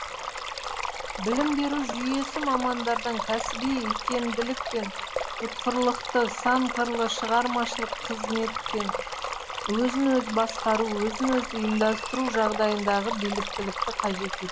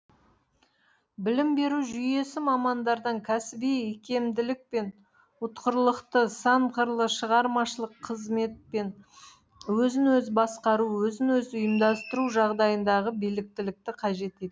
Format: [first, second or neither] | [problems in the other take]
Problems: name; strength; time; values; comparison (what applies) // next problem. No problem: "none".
second | background sound (Stream); 5 dB below the speech